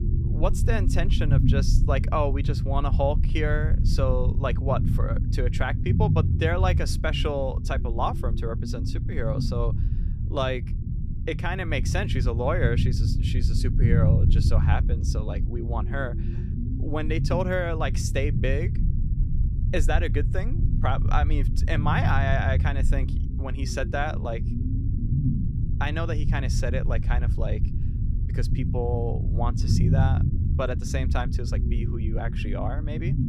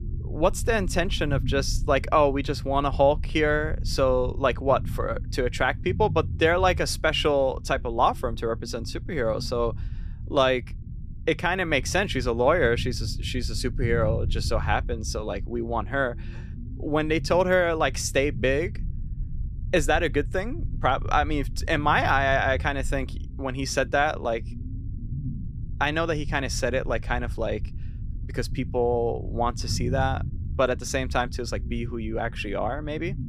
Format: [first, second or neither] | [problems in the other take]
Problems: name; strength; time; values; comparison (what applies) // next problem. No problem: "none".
second | low rumble; loud; throughout; 8 dB below the speech; faint in the second